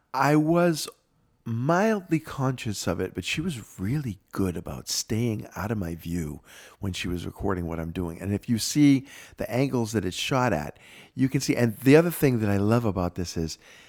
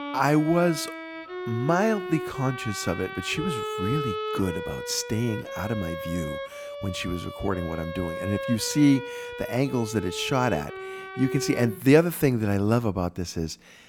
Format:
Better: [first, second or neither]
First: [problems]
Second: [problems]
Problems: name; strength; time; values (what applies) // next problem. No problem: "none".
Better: first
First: none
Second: background music; loud; throughout; 8 dB below the speech